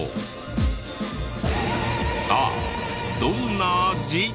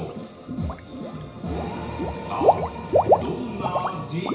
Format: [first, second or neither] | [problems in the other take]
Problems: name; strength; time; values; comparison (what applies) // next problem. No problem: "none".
first | background sound (Water / Liquid); 5 dB above the speech // room echo; dies away in 0.6 s